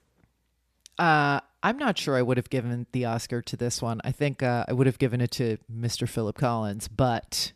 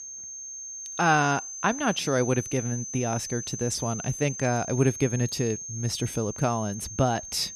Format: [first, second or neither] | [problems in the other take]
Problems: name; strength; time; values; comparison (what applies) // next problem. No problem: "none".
first | high-pitched whine; loud; throughout; 6 kHz, 8 dB below the speech